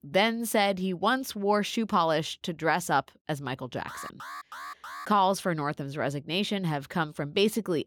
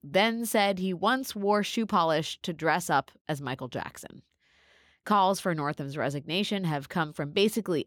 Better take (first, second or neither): second